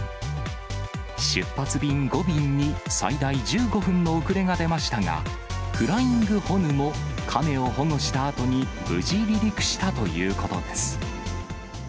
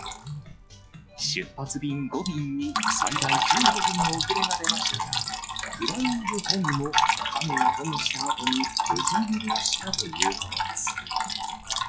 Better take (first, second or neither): first